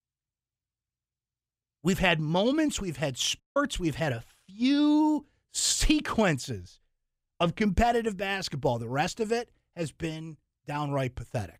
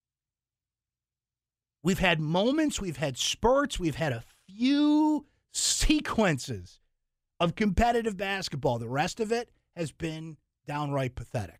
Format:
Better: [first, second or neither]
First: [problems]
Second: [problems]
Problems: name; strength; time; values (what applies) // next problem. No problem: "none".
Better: second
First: audio cutting out; at 3.5 s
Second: none